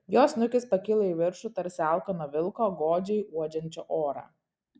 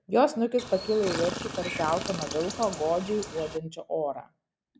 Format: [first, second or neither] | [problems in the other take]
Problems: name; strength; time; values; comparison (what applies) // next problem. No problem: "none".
first | background sound (Chirp, tweet); 8 dB below the speech